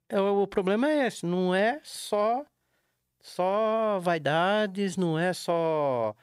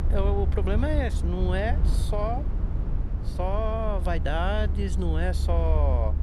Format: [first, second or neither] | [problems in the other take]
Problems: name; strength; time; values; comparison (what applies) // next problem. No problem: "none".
first | low rumble; noticeable; throughout; 10 dB below the speech